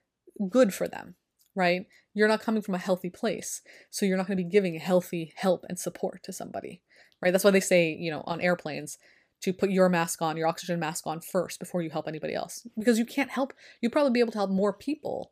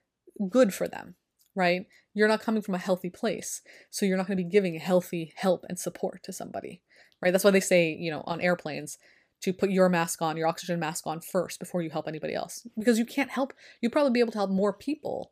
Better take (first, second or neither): neither